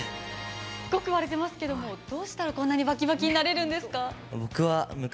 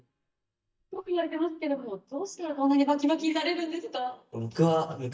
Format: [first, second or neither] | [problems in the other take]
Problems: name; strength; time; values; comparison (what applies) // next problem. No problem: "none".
first | noise reduction (neural mask model DeepFilterNet 3)